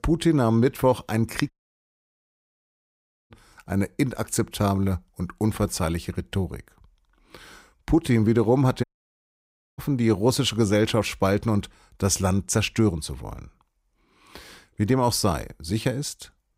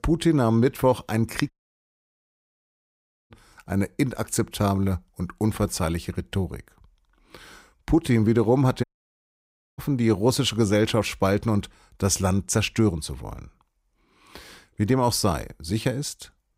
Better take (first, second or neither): neither